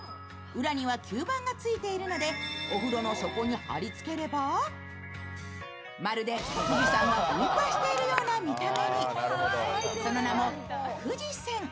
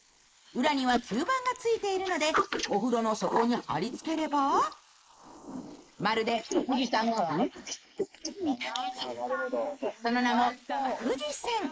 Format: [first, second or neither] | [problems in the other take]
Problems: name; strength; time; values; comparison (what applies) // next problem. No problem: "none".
first | noise reduction (neural mask model Resemble Enhance denoiser)